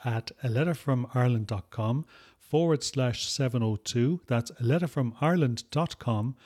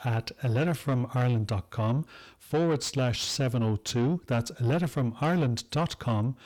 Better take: first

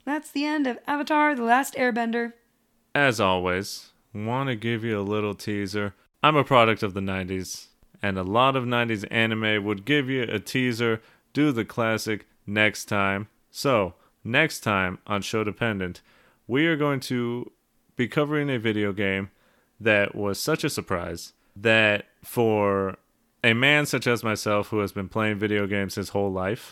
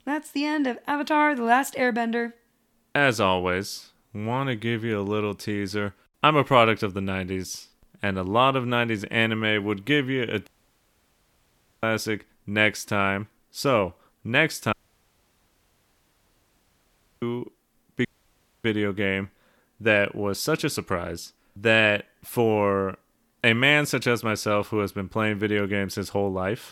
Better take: first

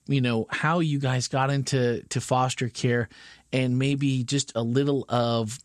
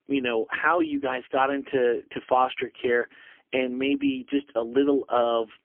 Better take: first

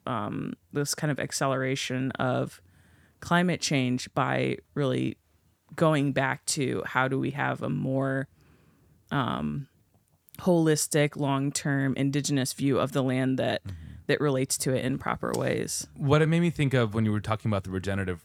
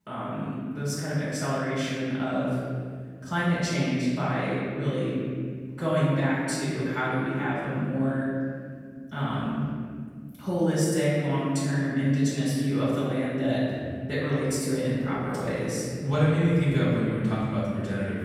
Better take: first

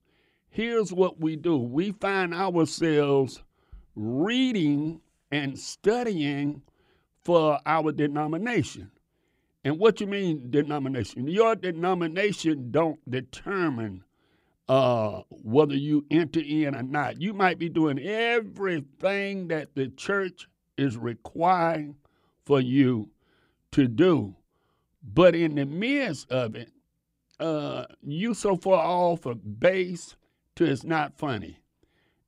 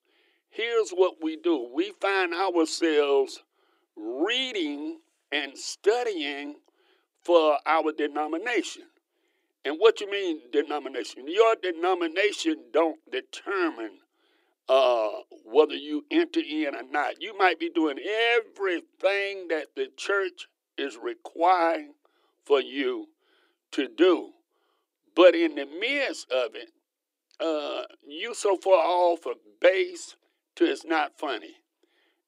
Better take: first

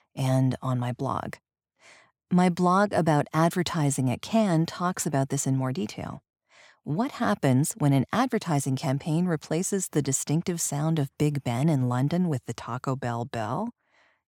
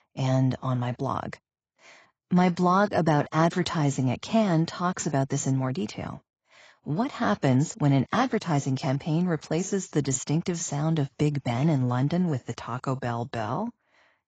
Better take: first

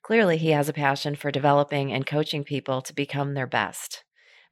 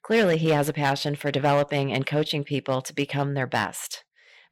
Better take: first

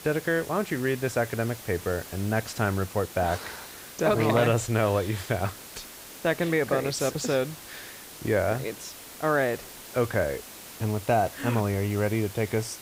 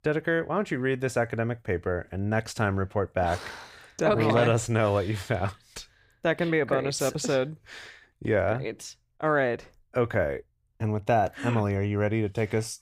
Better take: second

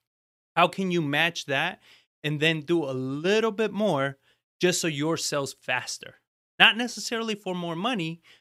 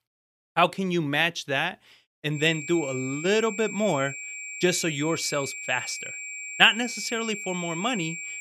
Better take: first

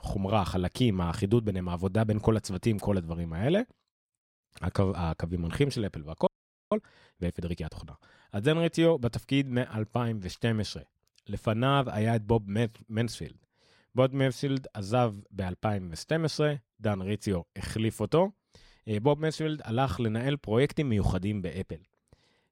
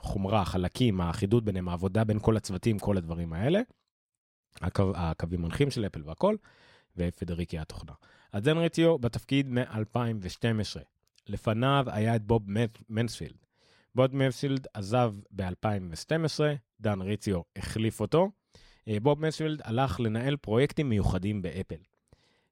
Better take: second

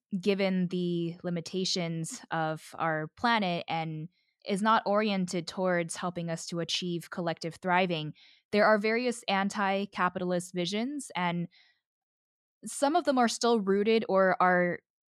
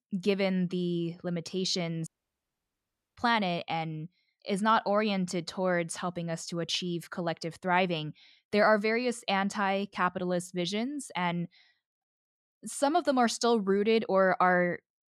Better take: first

